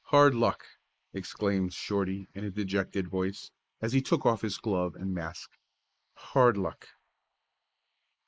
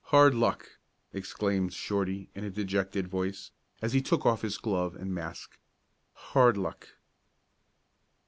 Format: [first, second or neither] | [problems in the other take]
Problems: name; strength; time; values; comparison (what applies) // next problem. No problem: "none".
second | noise reduction (neural mask model Resemble Enhance denoiser)